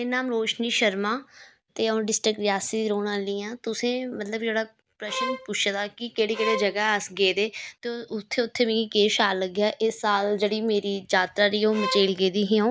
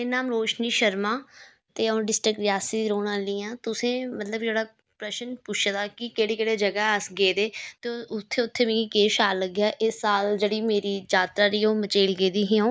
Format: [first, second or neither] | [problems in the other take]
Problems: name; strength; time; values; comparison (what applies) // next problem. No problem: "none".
second | background sound (Bowed string instrument); 8 dB below the speech